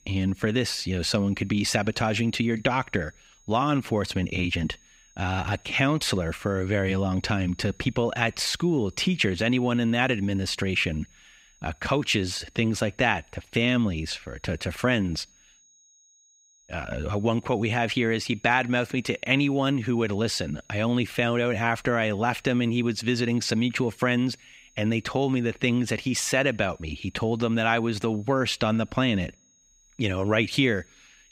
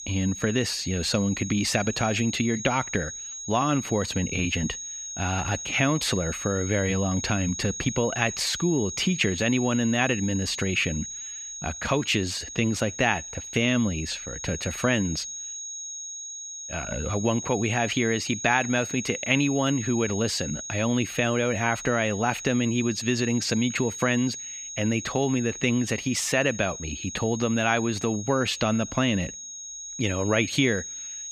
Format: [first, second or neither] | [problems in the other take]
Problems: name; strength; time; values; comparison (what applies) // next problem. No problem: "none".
first | high-pitched whine; loud; throughout; 6.5 kHz, 8 dB below the speech; faint in the first